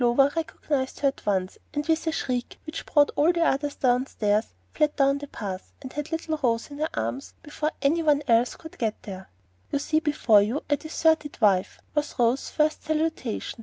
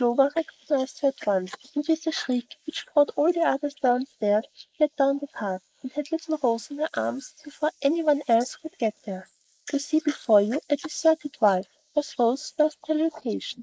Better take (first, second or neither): first